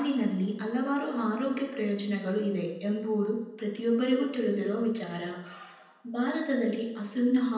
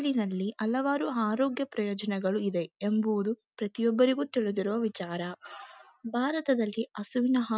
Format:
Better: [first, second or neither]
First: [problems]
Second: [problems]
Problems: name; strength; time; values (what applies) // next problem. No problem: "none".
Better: second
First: room echo; dies away in 0.9 s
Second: none